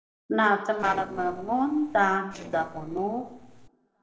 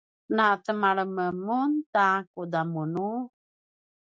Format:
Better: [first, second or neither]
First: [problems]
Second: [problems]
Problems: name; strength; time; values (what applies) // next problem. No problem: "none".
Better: second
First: noise reduction (neural separator model SepFormer DNS4)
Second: none